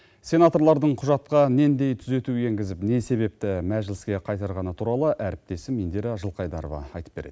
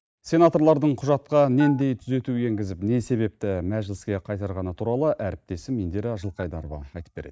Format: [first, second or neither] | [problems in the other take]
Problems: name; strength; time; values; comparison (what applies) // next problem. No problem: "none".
first | noise reduction (neural mask model DeepFilterNet 3)